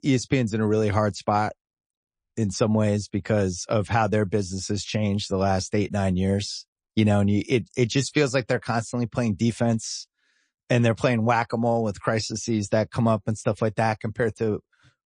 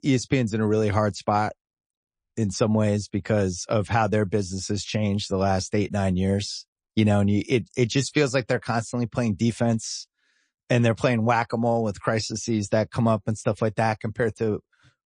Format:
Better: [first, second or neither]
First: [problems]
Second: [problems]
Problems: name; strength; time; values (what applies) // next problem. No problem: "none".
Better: neither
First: garbled, watery; slightly; nothing above 9 kHz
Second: garbled, watery; slightly; nothing above 9 kHz